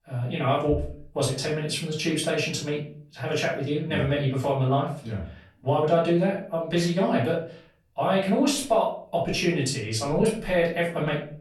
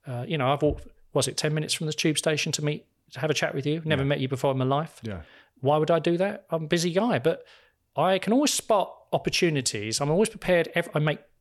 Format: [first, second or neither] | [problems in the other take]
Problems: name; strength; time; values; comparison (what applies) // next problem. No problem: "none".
second | off-mic speech; far // room echo; noticeable; dies away in 0.4 s